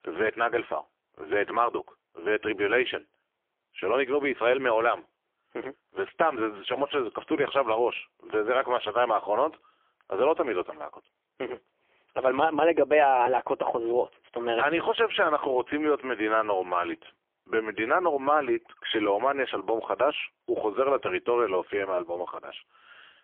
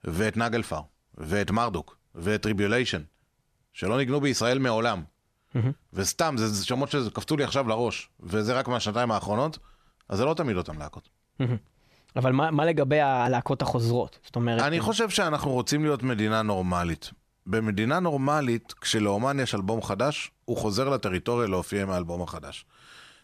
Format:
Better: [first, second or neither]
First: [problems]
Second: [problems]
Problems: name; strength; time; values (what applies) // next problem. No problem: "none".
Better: second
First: phone-call audio; poor line; nothing above 3.5 kHz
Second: none